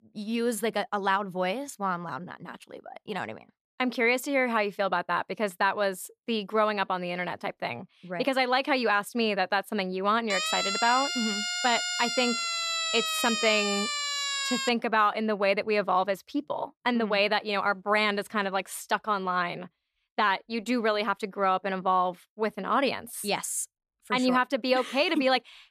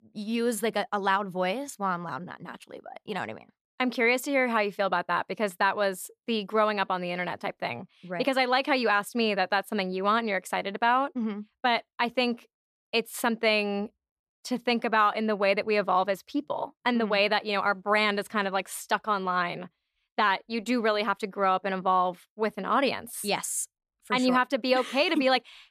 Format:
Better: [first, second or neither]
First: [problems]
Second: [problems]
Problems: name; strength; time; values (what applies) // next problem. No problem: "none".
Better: second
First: siren; loud; from 10 to 15 s; peak 1 dB above the speech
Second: none